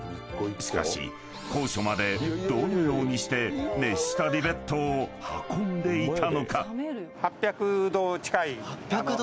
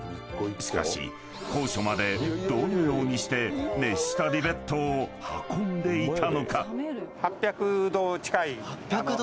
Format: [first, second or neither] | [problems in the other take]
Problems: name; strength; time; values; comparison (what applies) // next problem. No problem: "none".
first | background sound (Bark); 15 dB below the speech